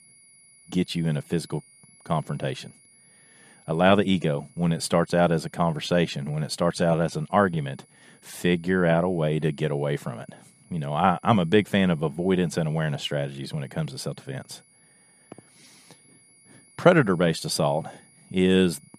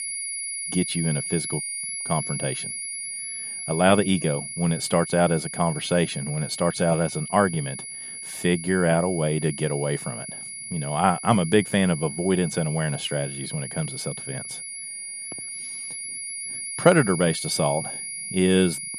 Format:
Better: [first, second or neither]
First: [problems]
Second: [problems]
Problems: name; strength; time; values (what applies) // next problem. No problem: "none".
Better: first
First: high-pitched whine; faint; throughout; 10.5 kHz, 30 dB below the speech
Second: high-pitched whine; loud; throughout; 10.5 kHz, 7 dB below the speech